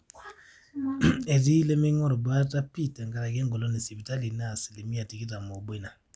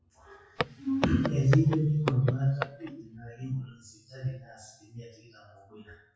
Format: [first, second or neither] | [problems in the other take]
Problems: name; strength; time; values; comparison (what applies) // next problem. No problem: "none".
first | noise reduction (classical method WPE with log-MMSE)